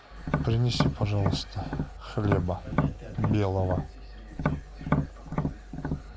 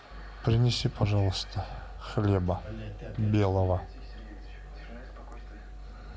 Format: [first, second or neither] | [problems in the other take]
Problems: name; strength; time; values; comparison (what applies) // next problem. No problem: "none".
second | background sound (Tap); as loud as the speech